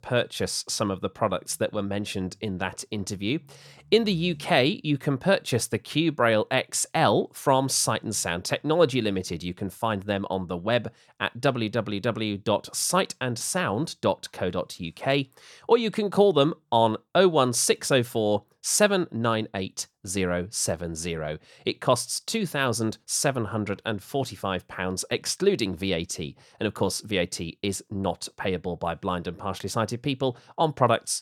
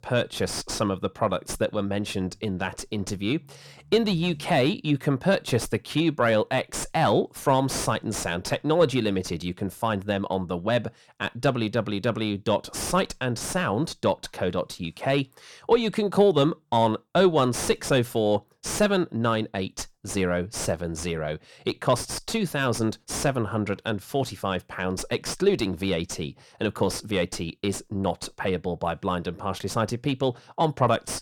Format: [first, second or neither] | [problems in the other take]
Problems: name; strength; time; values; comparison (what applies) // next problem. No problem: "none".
first | distortion; slight; 8 dB below the speech